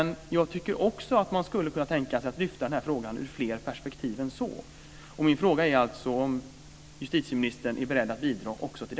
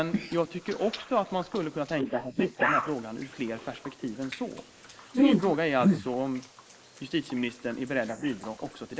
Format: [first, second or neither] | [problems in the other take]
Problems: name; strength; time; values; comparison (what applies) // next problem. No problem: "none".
first | noise reduction (neural mask model Resemble Enhance denoiser)